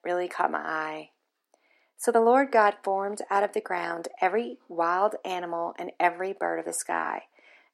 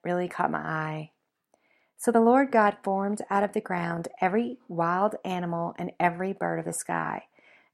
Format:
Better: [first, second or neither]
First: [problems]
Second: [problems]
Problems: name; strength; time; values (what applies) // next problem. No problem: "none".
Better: second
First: thin; somewhat; fading below 300 Hz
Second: none